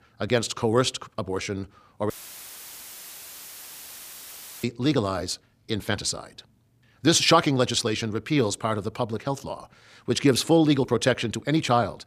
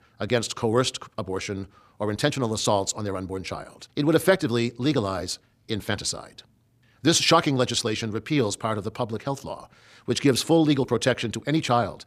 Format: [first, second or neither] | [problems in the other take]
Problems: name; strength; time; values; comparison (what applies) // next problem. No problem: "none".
second | audio cutting out; filled with static; at 2 s for 2.5 s